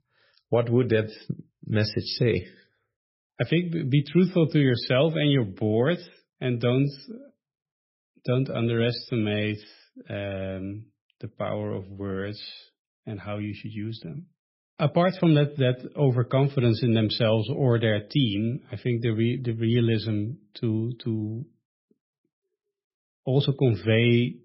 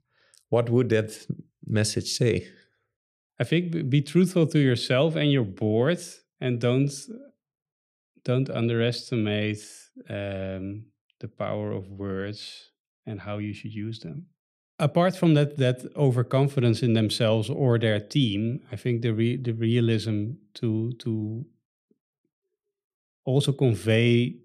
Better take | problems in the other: second | garbled, watery; badly; nothing above 5.5 kHz

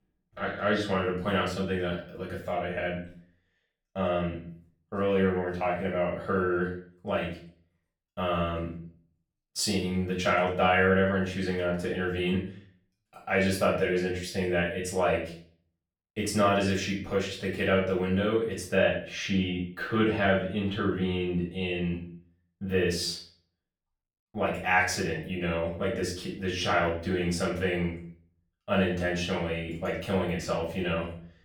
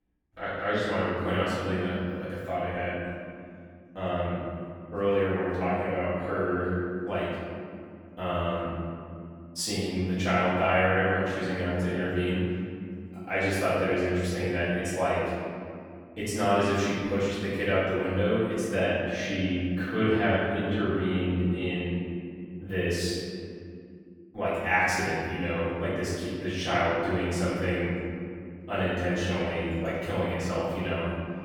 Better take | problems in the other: first | room echo; strong; dies away in 2.5 s; slight in the first // off-mic speech; far; far in the first

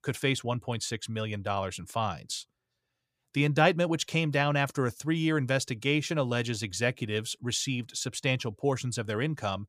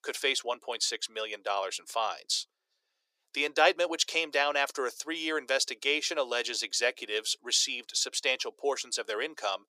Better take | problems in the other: first | thin; very; fading below 400 Hz

